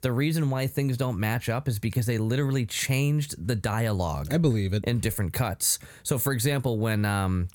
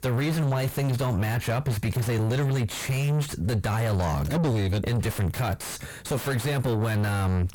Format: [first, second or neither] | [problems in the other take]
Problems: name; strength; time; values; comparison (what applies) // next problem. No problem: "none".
first | distortion; heavy; 5 dB below the speech